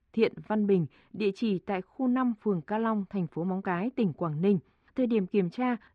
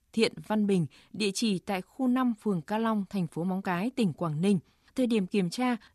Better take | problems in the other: second | muffled; very; fading above 2 kHz

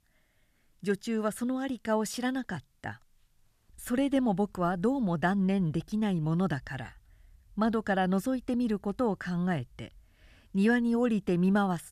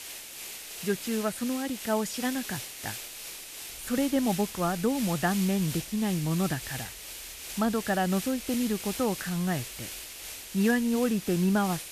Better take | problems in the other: first | hiss; loud; throughout; 8 dB below the speech

